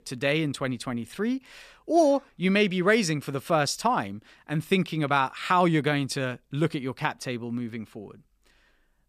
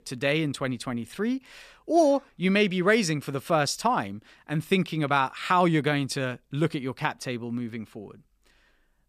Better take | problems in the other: neither | none

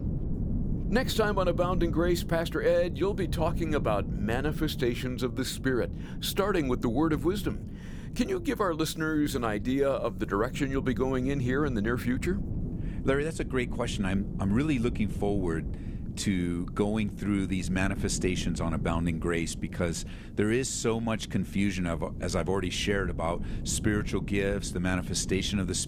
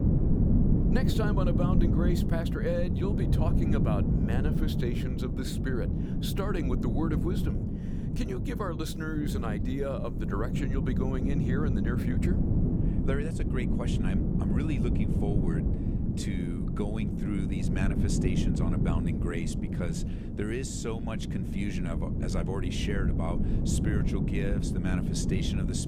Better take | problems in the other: first | wind noise on the microphone; heavy; 1 dB below the speech; occasional gusts in the first

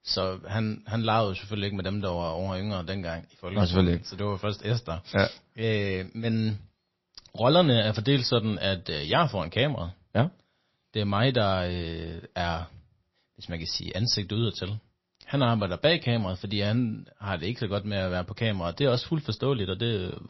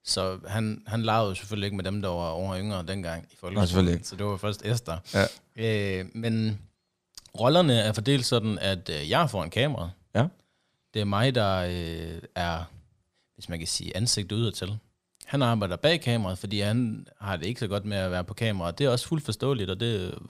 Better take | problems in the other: second | garbled, watery; slightly; nothing above 5.5 kHz

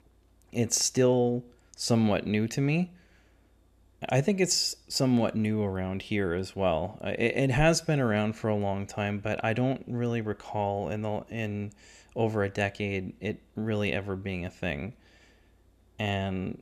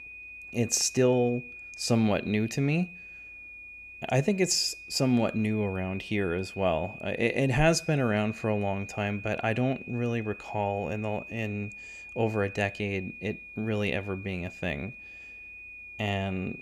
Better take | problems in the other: first | high-pitched whine; noticeable; throughout; 2.5 kHz, 15 dB below the speech

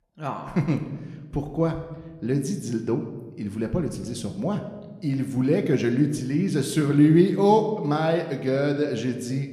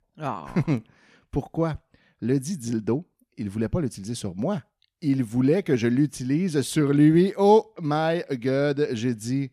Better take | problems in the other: second | room echo; very slight; dies away in 0.9 s

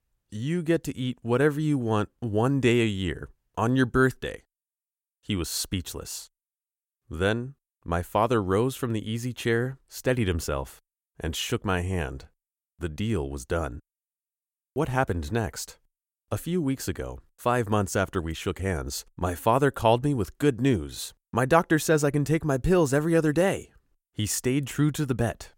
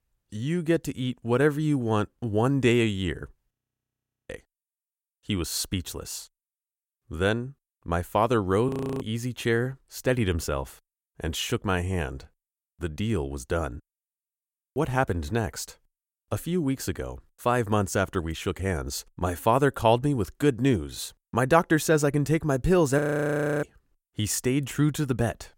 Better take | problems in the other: first | audio freezing; at 3.5 s for 1 s, at 8.5 s and at 23 s for 0.5 s

